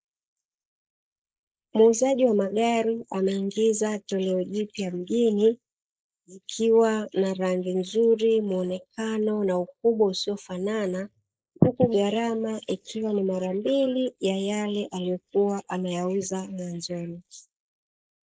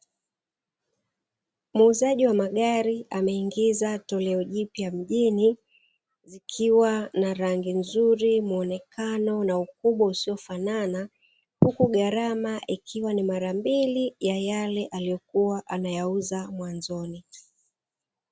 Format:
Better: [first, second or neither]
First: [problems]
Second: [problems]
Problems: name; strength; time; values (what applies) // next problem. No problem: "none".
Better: second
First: noise reduction (neural mask model Resemble Enhance denoiser)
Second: none